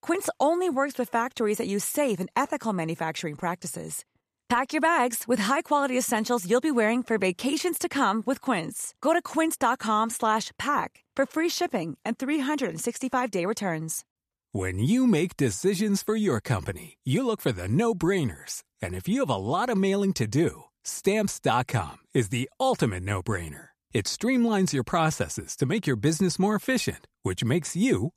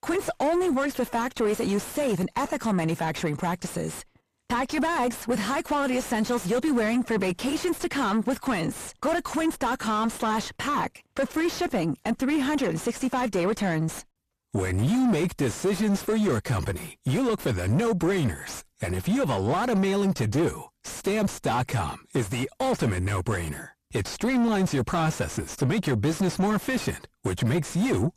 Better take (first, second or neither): first